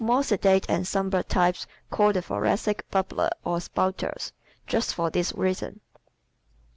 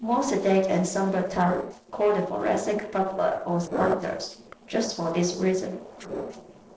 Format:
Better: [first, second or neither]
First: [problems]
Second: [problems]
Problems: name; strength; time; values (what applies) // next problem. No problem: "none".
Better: first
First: none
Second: noise reduction (neural separator model SepFormer DNS4)